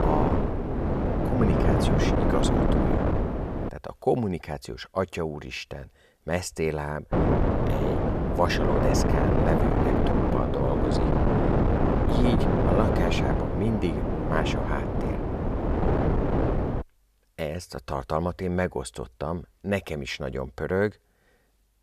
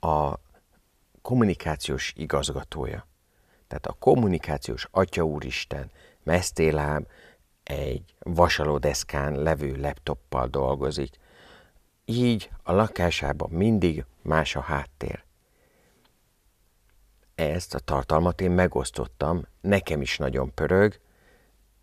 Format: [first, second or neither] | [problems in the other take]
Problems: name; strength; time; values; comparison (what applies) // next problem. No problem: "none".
second | wind noise on the microphone; heavy; until 3.5 s and from 7 to 17 s; 3 dB above the speech